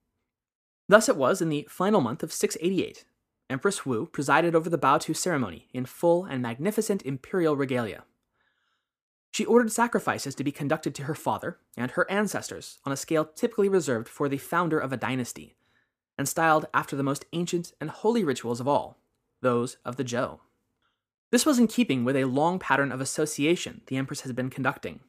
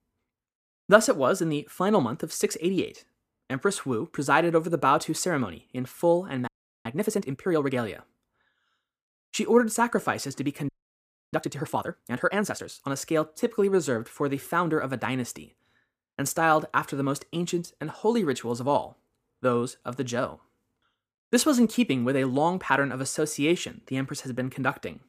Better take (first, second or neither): first